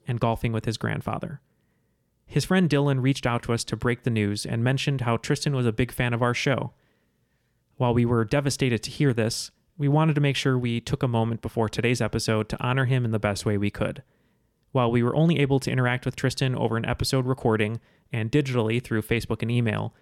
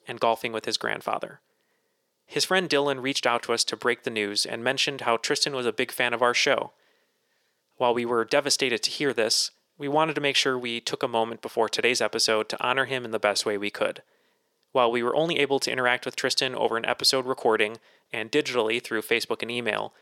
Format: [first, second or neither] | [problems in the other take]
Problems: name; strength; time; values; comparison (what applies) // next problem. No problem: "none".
first | thin; very; fading below 500 Hz